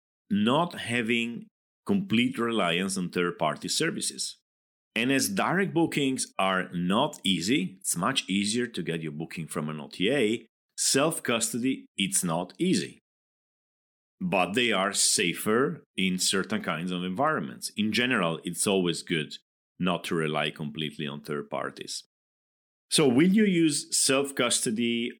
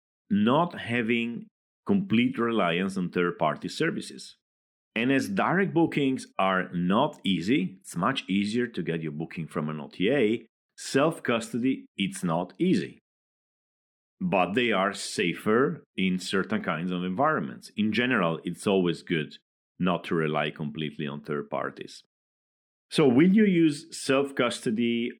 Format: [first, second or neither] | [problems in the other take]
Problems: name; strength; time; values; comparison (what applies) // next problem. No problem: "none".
first | muffled; slightly; fading above 3.5 kHz